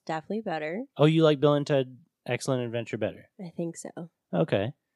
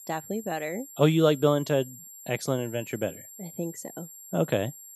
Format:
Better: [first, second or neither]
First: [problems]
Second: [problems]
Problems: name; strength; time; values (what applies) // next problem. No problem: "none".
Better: first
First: none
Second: high-pitched whine; noticeable; throughout; 7.5 kHz, 15 dB below the speech